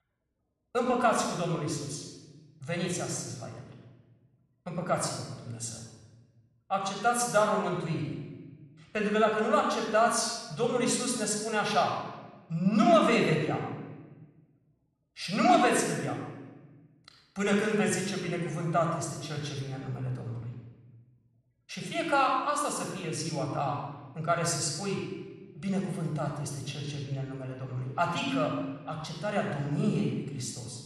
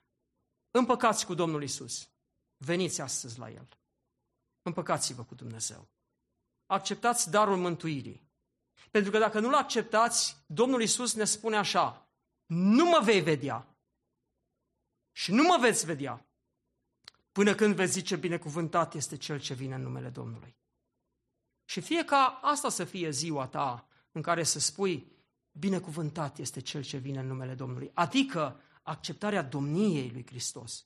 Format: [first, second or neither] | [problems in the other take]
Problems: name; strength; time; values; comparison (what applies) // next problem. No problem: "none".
second | off-mic speech; somewhat distant // room echo; noticeable; dies away in 1 s